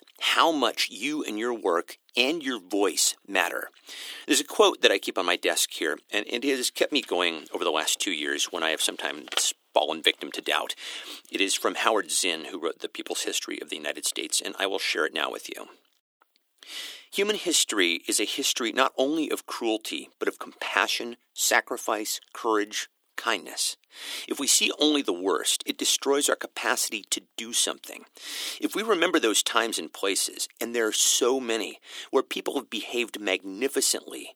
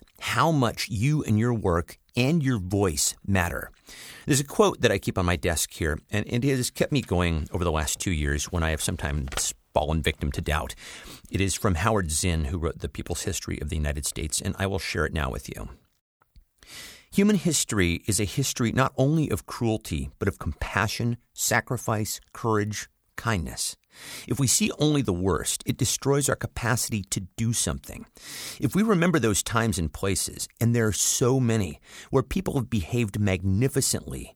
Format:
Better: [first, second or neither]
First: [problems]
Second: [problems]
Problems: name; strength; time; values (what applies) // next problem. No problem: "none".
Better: second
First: thin; somewhat; fading below 300 Hz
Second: none